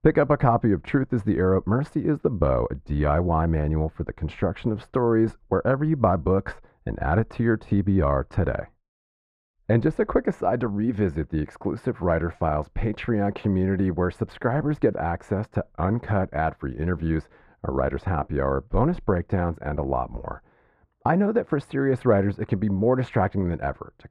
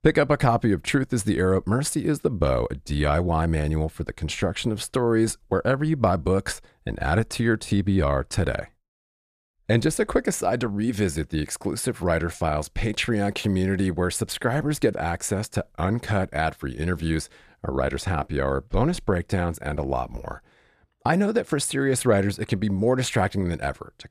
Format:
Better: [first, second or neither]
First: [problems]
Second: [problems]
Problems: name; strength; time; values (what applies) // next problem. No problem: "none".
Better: second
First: muffled; very; fading above 3.5 kHz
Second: none